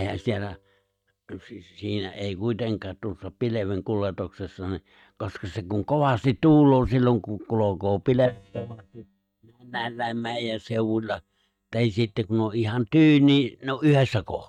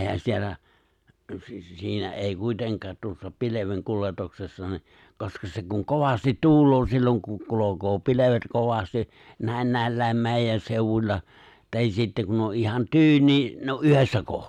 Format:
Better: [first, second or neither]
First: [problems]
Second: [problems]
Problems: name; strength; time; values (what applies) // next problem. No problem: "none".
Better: second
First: noise reduction (neural mask model DeepFilterNet 3)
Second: none